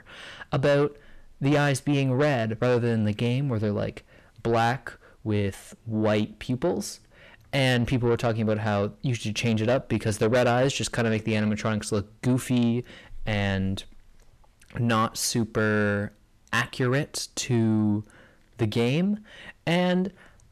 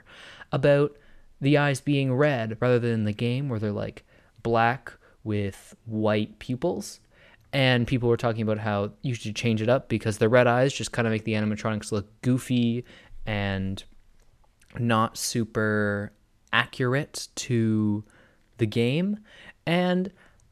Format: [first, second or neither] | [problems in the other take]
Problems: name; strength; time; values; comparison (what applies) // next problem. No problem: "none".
second | distortion; slight; 10 dB below the speech